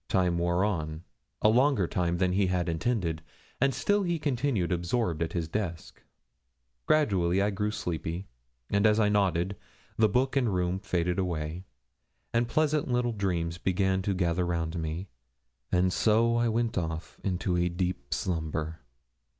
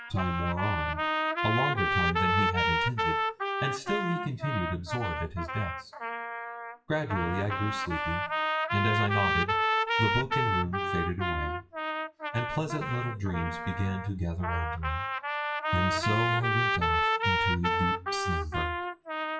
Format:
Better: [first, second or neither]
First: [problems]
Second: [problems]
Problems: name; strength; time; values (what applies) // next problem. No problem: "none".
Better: first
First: none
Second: noise reduction (classical method WPE with log-MMSE)